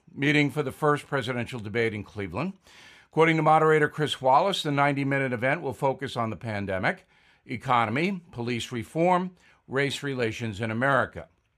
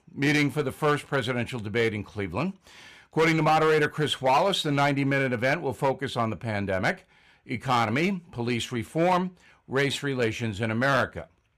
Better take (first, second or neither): first